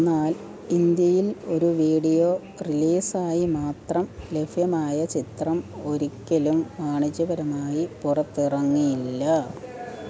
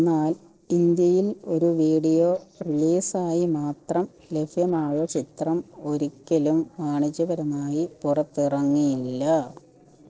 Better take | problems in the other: first | noise reduction (neural separator model SepFormer DNS4)

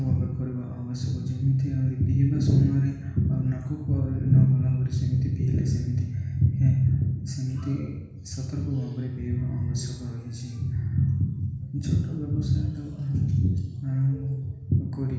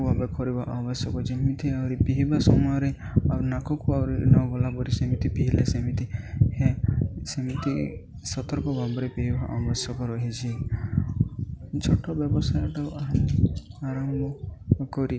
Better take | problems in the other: second | room echo; dies away in 1.1 s

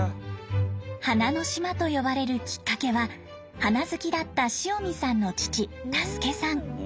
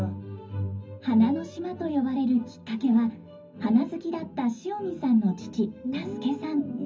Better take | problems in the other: first | room echo; dies away in 0.4 s

